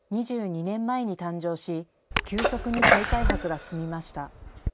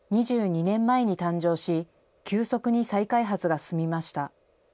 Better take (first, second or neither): second